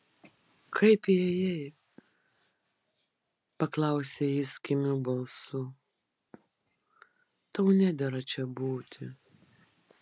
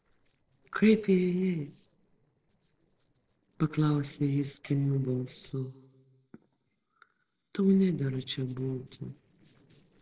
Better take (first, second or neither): first